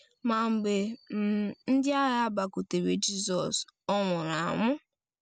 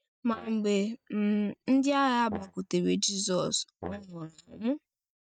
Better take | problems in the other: first | noise reduction (neural mask model DeepFilterNet 3)

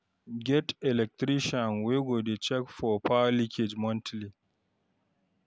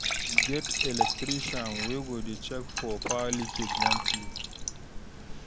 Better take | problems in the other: first | background sound (Fill (with liquid) / Trickle, dribble / Glass); 4 dB above the speech

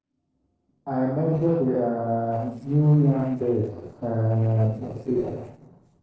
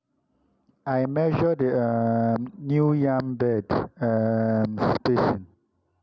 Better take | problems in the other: second | noise reduction (neural separator model SepFormer DNS4)

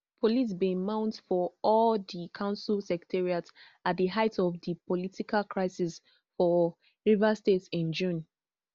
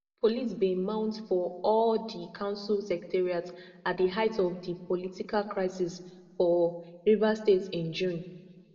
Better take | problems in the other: first | room echo; dies away in 0.9 s

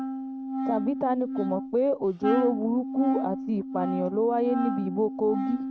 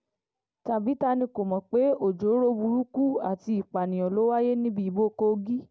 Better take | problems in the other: second | noise reduction (neural mask model RNNoise)

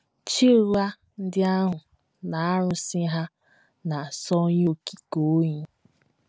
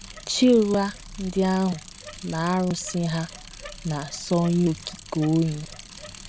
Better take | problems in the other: first | background sound (Bicycle); 16 dB below the speech

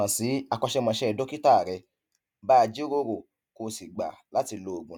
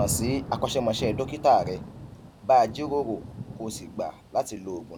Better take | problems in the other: first | background sound (Thunder / Rain); 11 dB below the speech

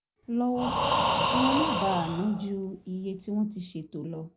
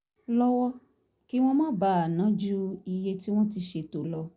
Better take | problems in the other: second | background sound (Breathing); 1 dB above the speech

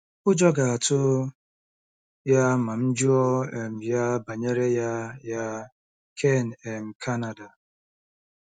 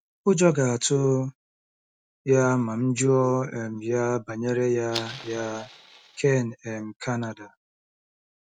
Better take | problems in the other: first | background sound (Fire); 16 dB below the speech

